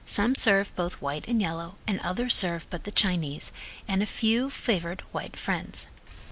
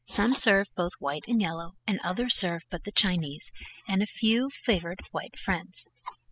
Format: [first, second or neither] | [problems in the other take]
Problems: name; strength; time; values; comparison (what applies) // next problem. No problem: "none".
first | noise reduction (classical method spectral subtraction)